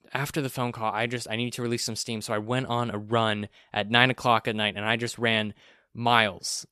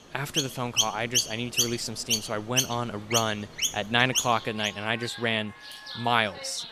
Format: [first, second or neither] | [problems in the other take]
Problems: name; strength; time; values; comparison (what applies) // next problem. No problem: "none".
first | animal sounds; loud; throughout; as loud as the speech